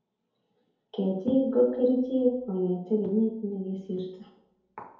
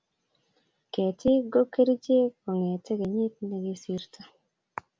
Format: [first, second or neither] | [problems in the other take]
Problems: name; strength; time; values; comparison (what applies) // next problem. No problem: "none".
second | room echo; dies away in 2.1 s